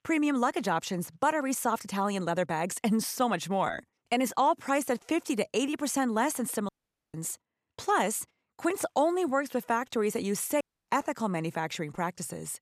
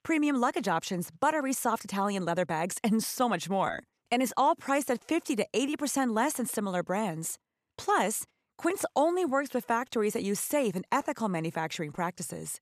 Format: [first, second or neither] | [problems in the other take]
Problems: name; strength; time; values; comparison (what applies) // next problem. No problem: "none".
second | audio cutting out; at 6.5 s and at 11 s